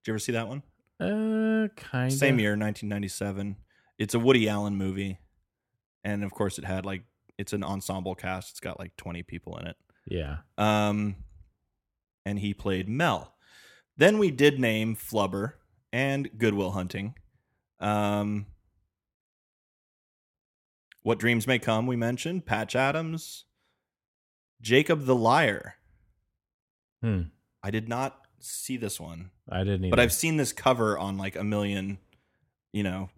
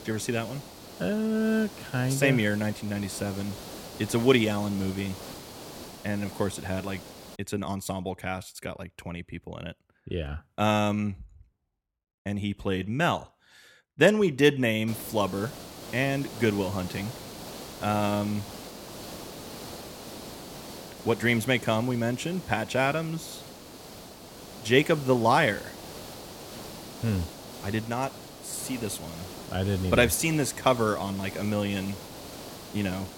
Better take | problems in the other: first | hiss; noticeable; until 7.5 s and from 15 s on; 15 dB below the speech

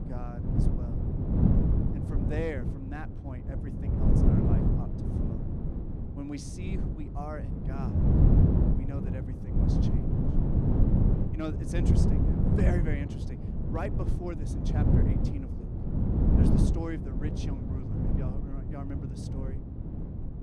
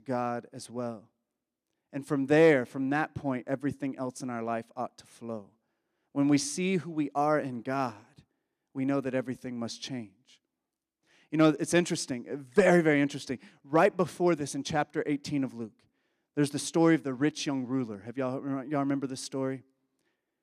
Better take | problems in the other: second | wind noise on the microphone; heavy; 4 dB above the speech

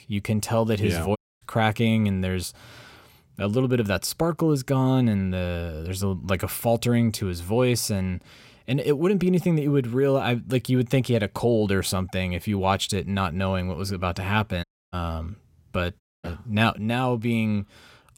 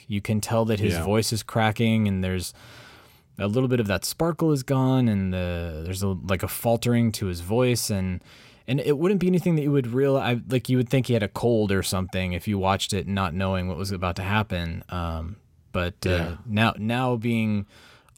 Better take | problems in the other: second | audio cutting out; at 1 s, at 15 s and at 16 s

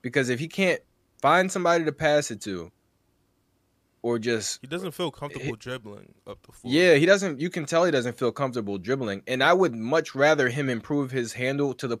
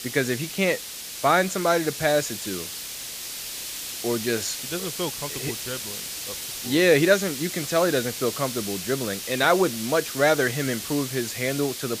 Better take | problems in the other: first | hiss; loud; throughout; 7 dB below the speech

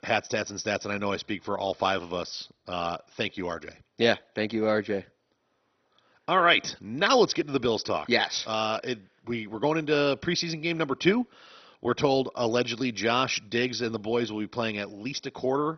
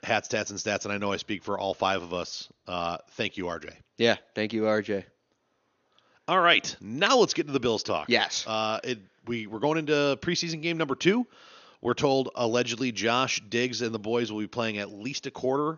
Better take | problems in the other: second | garbled, watery; badly; nothing above 6 kHz; slightly in the second

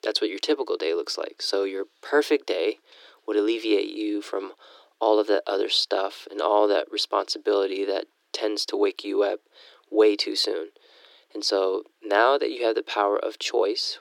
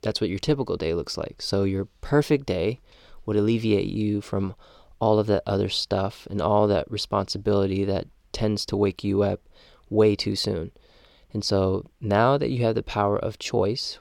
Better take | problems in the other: second | thin; very; fading below 300 Hz

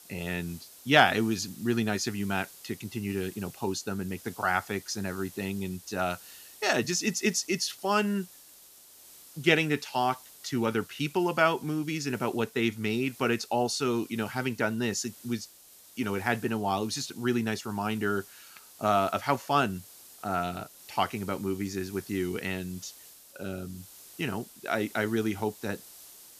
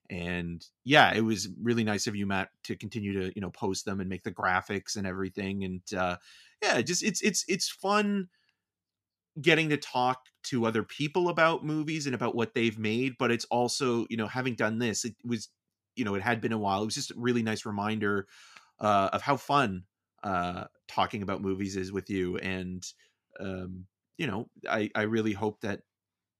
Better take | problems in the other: second | hiss; noticeable; throughout; 20 dB below the speech

